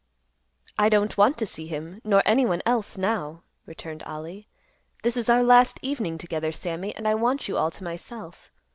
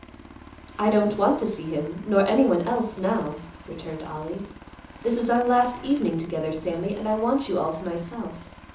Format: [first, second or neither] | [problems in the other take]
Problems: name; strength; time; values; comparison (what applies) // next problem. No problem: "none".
first | background sound (Aircraft); 19 dB below the speech // room echo; dies away in 0.7 s